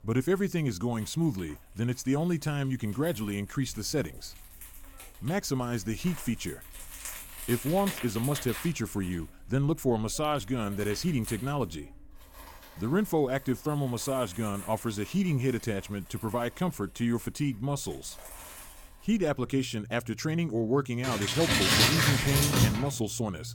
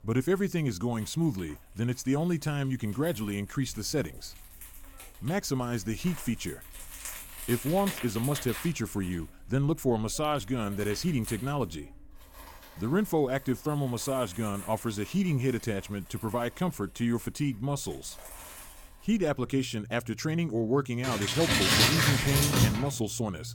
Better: neither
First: household noises; very loud; throughout; 1 dB above the speech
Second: household noises; very loud; throughout; 1 dB above the speech

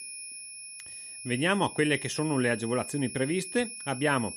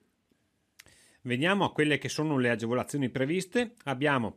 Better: second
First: high-pitched whine; noticeable; throughout; 10.5 kHz, 10 dB below the speech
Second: none

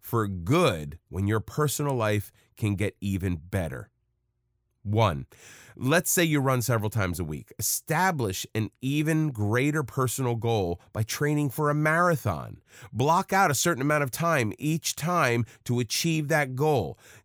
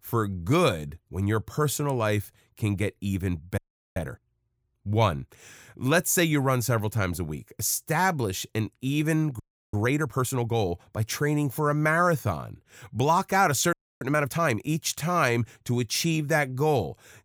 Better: first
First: none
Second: audio freezing; at 3.5 s, at 9.5 s and at 14 s

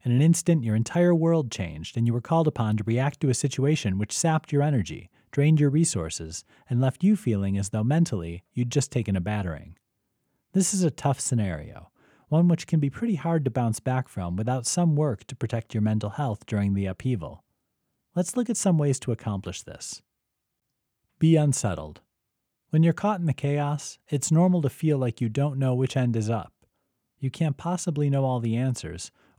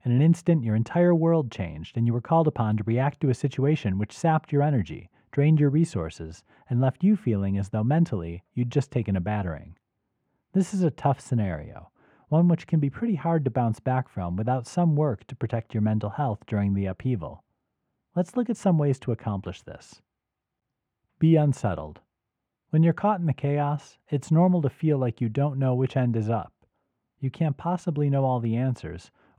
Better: first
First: none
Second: muffled; very; fading above 4 kHz

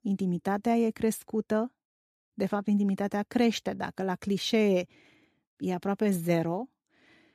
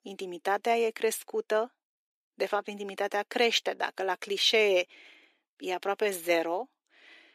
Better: first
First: none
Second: thin; very; fading below 350 Hz

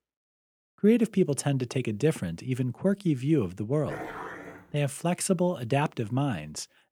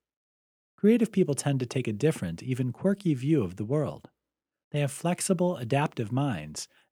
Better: second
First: dog barking; noticeable; at 4 s; peak 10 dB below the speech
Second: none

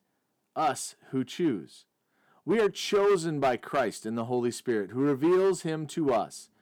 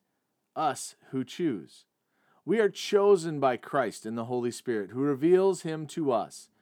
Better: second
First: distortion; slight; 5% of the sound clipped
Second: none

